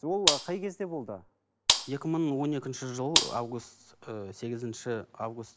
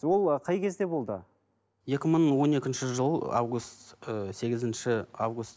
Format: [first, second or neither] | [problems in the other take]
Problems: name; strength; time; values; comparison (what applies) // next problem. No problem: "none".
second | background sound (Gunshot, gunfire); 3 dB above the speech